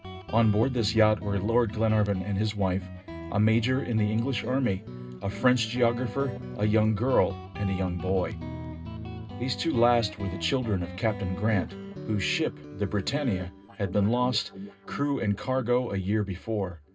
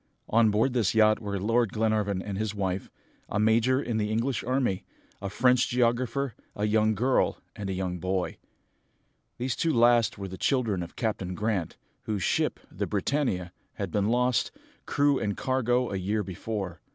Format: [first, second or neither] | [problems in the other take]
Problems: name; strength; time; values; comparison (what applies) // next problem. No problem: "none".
second | background sound (Guitar); 11 dB below the speech // room echo; dies away in 0.2 s